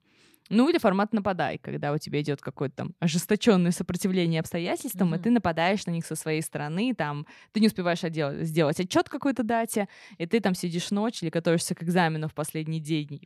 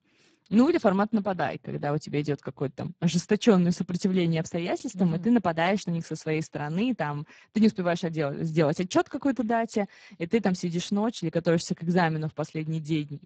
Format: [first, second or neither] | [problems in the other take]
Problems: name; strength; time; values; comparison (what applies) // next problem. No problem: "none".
first | garbled, watery; badly; nothing above 7.5 kHz